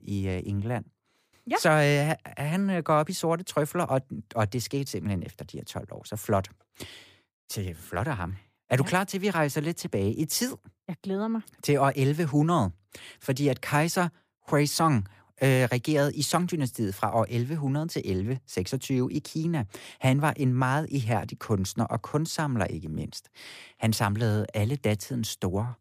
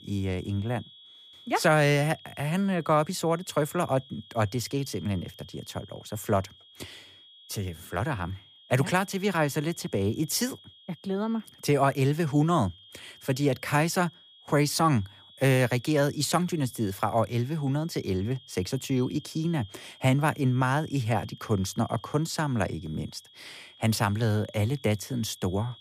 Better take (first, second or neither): first